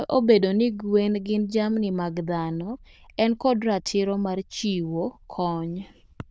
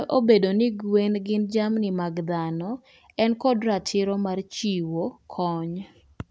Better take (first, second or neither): second